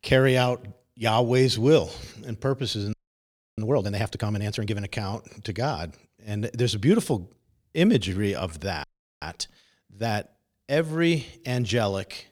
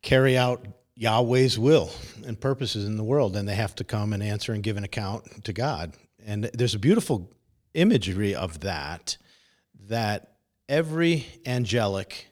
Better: second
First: audio freezing; at 3 s for 0.5 s and at 9 s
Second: none

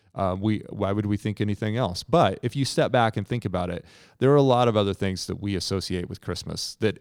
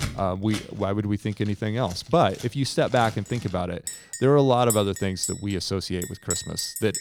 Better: first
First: none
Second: household noises; loud; throughout; 9 dB below the speech

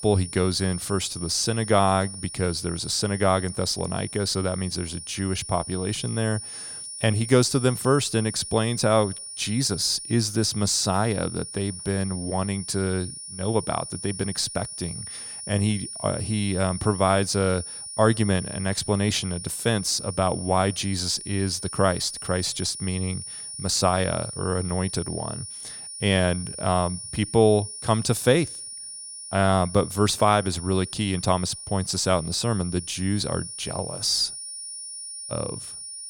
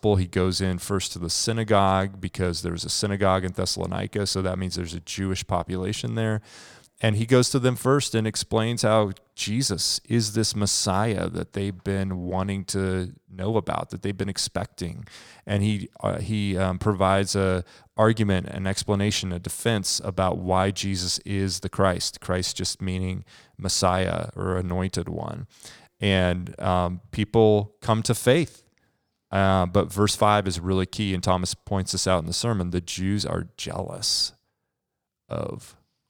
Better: second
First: high-pitched whine; loud; throughout; 9.5 kHz, 10 dB below the speech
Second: none

